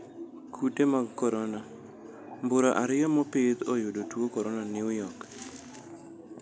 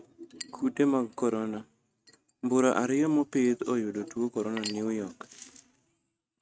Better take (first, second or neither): first